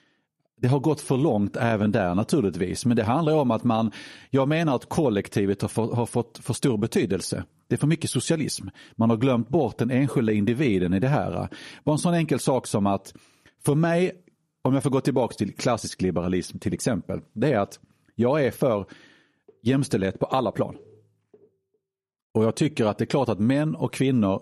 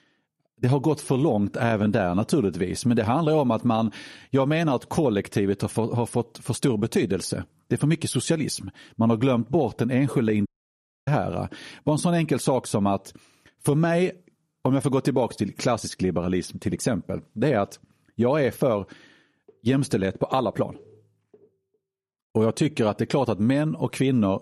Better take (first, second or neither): first